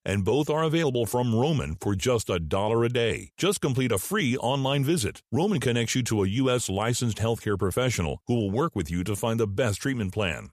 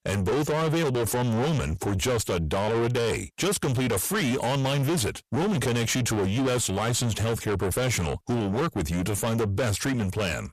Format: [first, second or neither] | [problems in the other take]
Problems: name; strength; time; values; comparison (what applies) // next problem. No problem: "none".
first | distortion; heavy; 7 dB below the speech